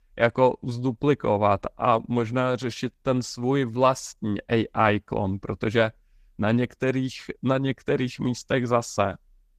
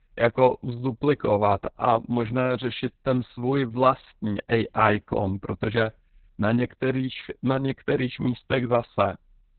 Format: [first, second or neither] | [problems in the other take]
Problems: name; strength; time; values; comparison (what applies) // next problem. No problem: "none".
first | garbled, watery; badly; nothing above 4 kHz; slightly in the first